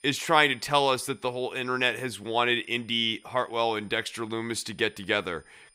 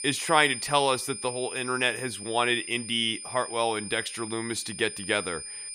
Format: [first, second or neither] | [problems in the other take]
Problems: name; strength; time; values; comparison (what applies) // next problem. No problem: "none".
first | high-pitched whine; loud; throughout; 9 kHz, 9 dB below the speech; faint in the first